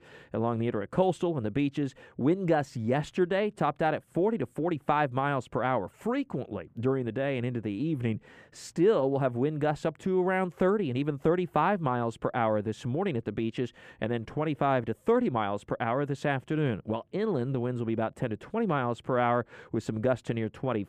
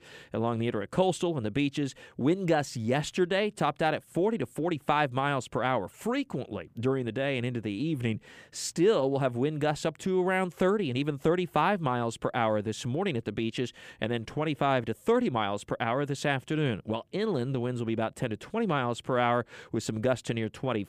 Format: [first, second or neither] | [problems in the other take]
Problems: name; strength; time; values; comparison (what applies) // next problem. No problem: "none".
second | muffled; slightly; fading above 2.5 kHz